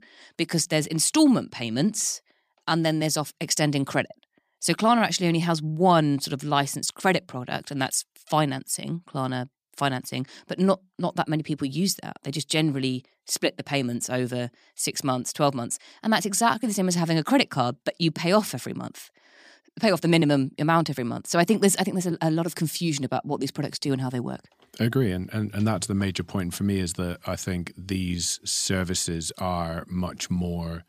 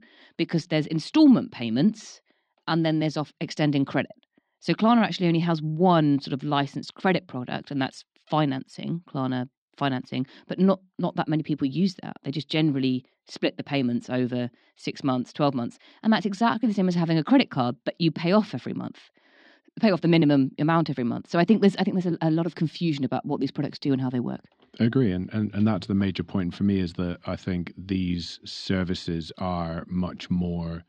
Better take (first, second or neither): first